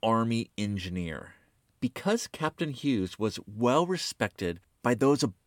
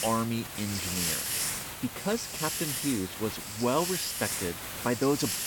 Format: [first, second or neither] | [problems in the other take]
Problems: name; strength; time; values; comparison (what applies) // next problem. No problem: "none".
first | hiss; loud; throughout; as loud as the speech